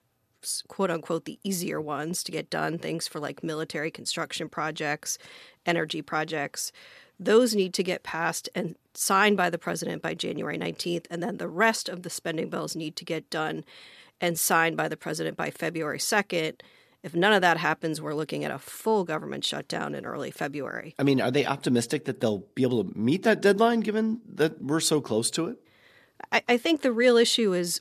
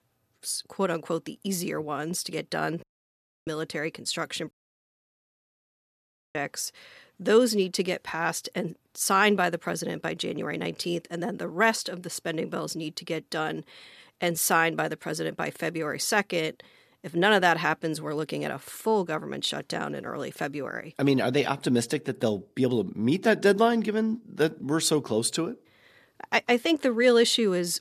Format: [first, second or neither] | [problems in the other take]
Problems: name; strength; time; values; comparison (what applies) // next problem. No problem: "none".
first | audio cutting out; at 3 s for 0.5 s and at 4.5 s for 2 s